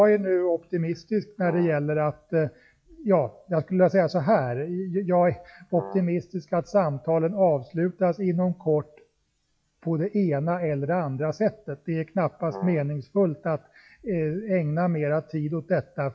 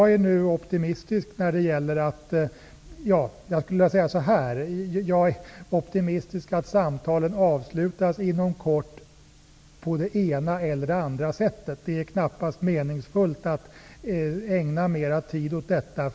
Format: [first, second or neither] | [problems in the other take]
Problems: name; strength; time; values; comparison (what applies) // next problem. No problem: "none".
second | noise reduction (classical method log-MMSE)